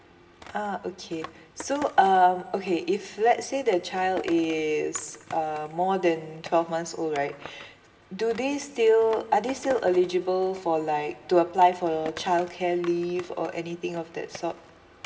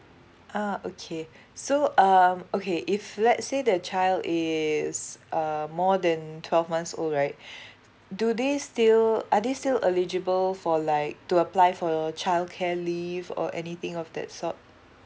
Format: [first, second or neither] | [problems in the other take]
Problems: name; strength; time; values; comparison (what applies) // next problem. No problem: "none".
second | background sound (Skateboard); 20 dB below the speech // room echo; dies away in 1.4 s